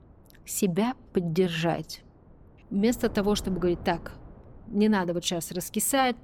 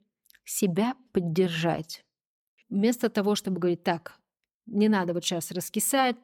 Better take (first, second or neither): second